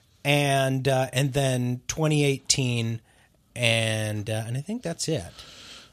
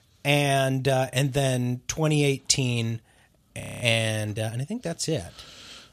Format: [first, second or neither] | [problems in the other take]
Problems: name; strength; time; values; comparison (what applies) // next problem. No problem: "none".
first | audio freezing; at 3.5 s